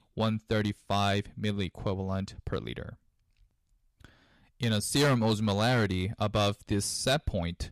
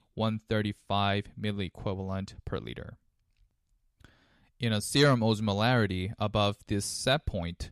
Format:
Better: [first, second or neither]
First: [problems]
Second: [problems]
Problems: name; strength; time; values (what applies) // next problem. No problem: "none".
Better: second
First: distortion; slight; 4% of the sound clipped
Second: none